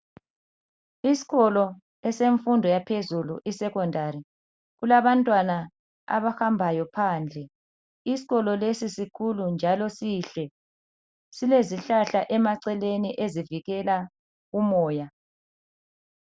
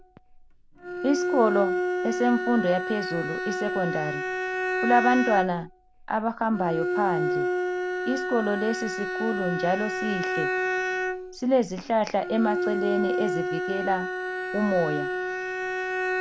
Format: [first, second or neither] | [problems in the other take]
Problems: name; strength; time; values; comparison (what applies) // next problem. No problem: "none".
first | background sound (Bowed string instrument); 1 dB below the speech